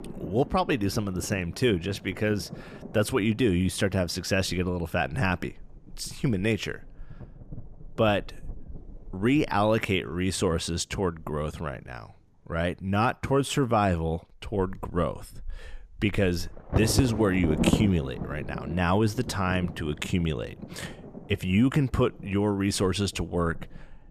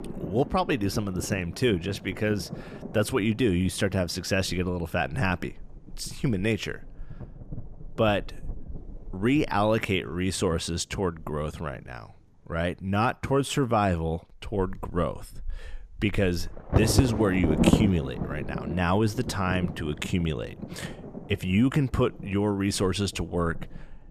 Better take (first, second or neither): first